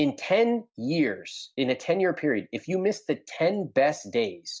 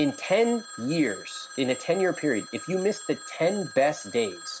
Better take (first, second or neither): first